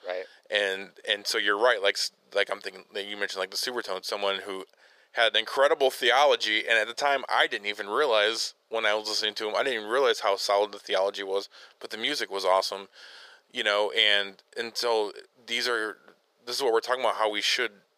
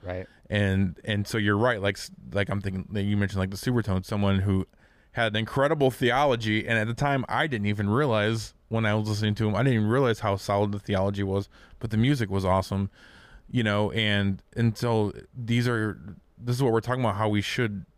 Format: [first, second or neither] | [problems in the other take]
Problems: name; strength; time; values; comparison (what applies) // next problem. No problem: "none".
second | thin; very; fading below 450 Hz